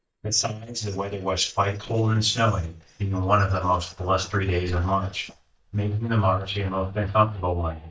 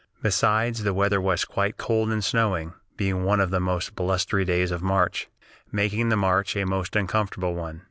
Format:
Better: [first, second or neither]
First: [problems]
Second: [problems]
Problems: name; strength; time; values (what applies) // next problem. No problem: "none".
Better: second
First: noise reduction (neural mask model DeepFilterNet 3)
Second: none